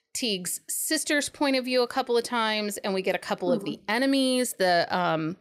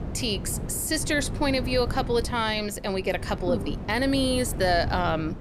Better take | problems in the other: first | wind noise on the microphone; occasional gusts; 15 dB below the speech

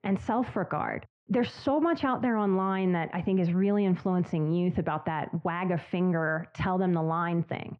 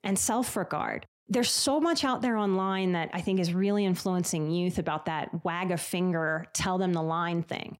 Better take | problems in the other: second | muffled; very; fading above 2.5 kHz

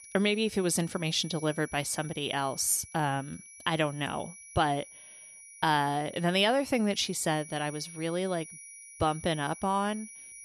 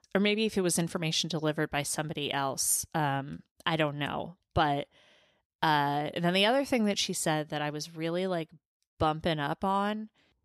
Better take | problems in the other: second | high-pitched whine; noticeable; throughout; 10.5 kHz, 15 dB below the speech

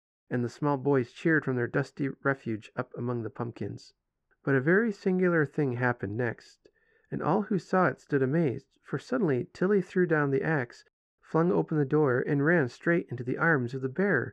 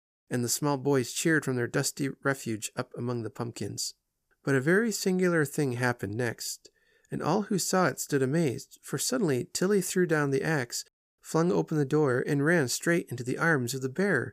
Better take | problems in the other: second | muffled; very; fading above 1.5 kHz

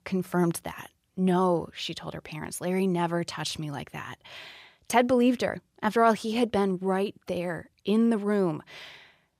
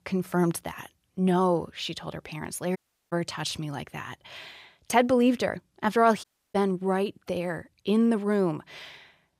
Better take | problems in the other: first | audio cutting out; at 3 s and at 6 s

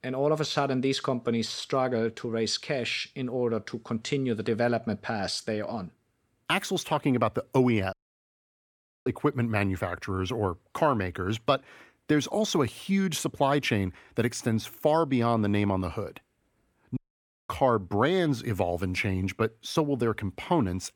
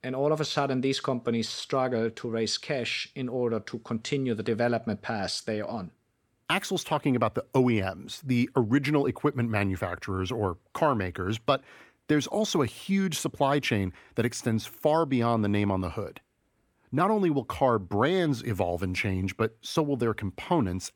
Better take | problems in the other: second | audio cutting out; at 8 s for 1 s and at 17 s for 0.5 s

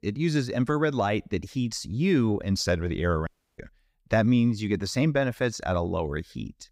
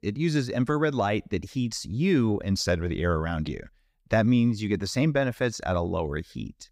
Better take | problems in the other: second | audio cutting out; at 3.5 s

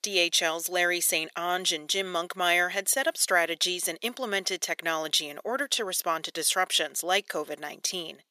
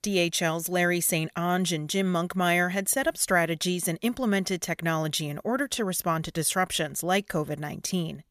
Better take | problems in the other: second | thin; very; fading below 350 Hz

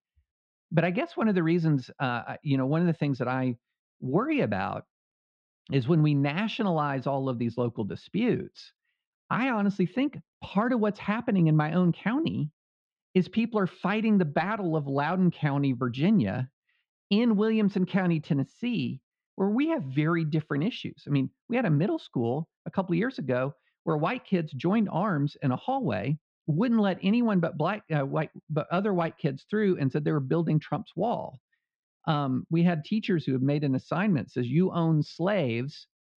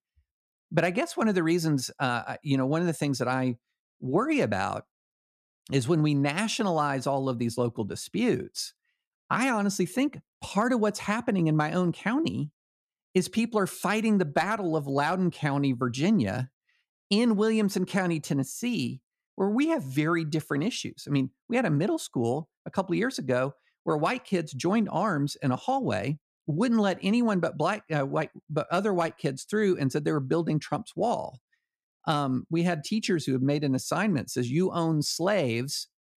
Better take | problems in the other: second | muffled; slightly; fading above 3.5 kHz

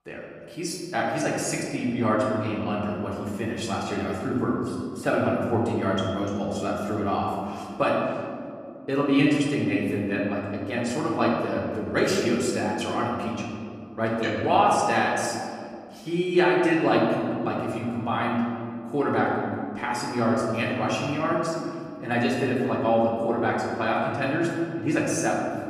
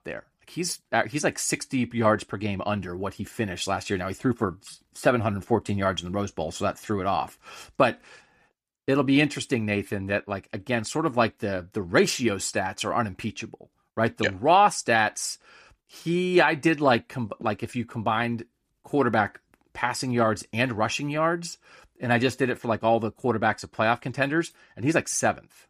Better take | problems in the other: second | room echo; noticeable; dies away in 2.4 s // off-mic speech; far

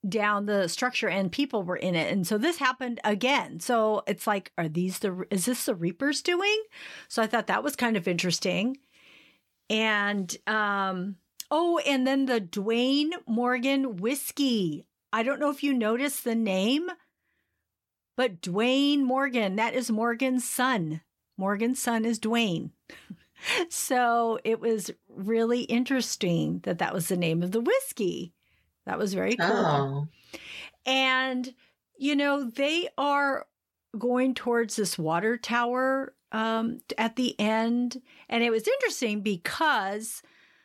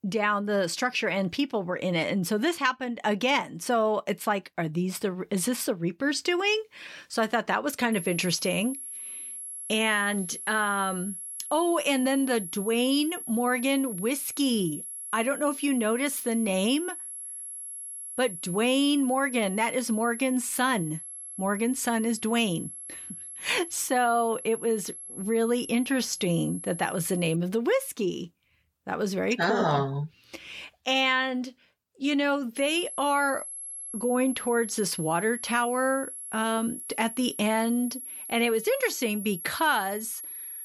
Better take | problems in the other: first | high-pitched whine; loud; from 8 to 27 s and from 33 s on; 11 kHz, 9 dB below the speech

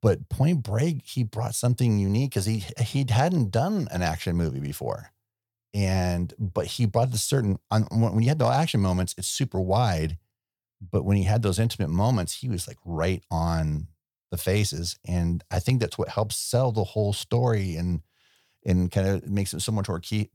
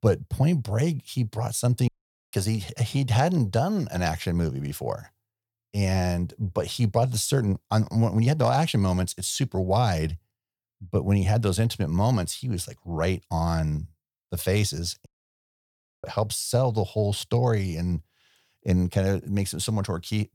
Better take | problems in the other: first | audio cutting out; at 2 s and at 15 s for 1 s

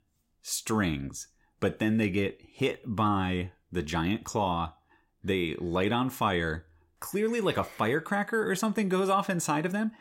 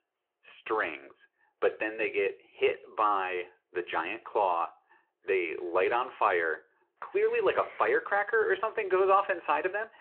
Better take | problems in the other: first | phone-call audio

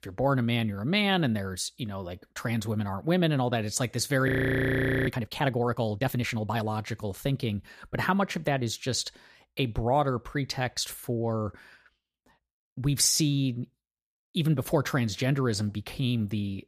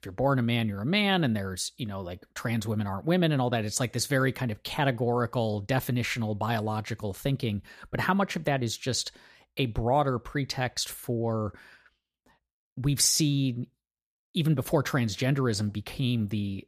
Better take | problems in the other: second | audio freezing; at 4.5 s for 1 s

